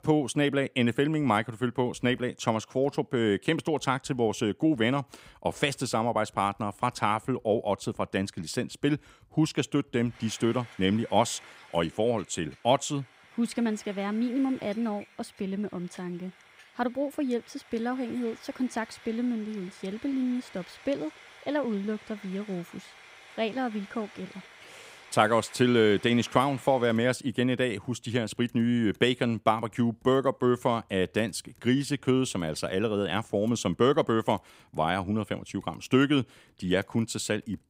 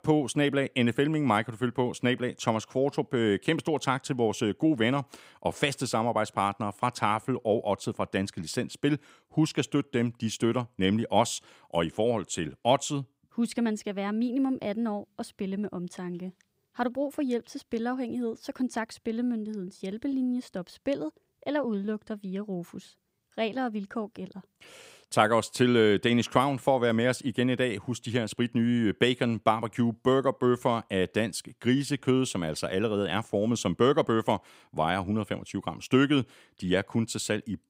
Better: second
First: household noises; faint; throughout; 25 dB below the speech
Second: none

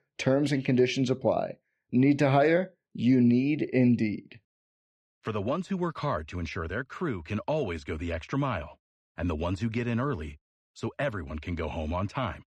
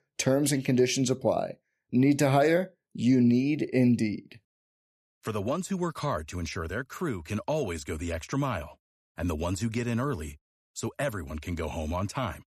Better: second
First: muffled; slightly; fading above 3 kHz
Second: none

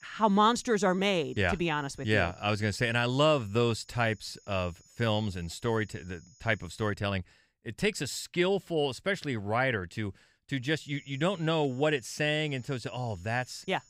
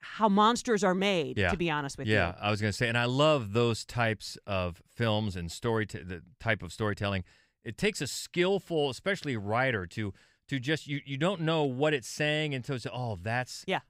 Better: second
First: high-pitched whine; faint; until 7 s and from 11 s on; 7 kHz, 30 dB below the speech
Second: none

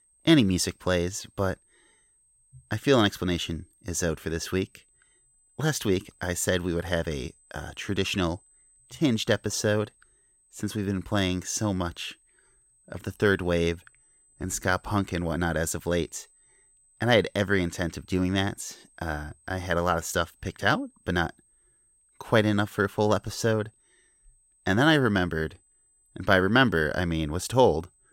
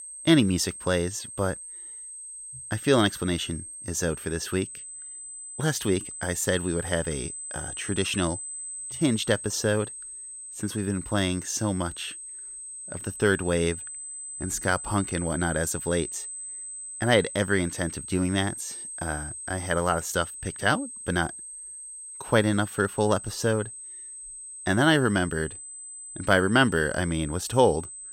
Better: first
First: high-pitched whine; faint; throughout; 8 kHz, 35 dB below the speech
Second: high-pitched whine; loud; throughout; 8 kHz, 10 dB below the speech

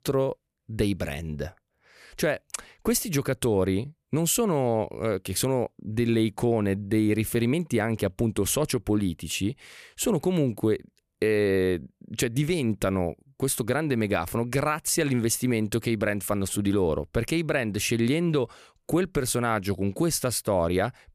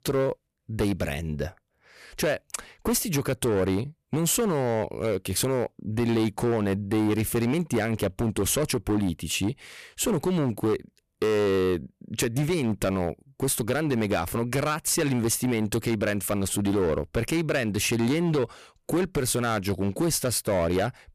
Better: first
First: none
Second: distortion; slight; 13% of the sound clipped

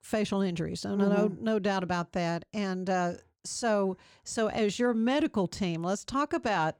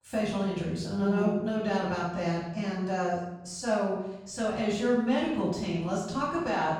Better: first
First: none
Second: off-mic speech; far // room echo; noticeable; dies away in 0.9 s

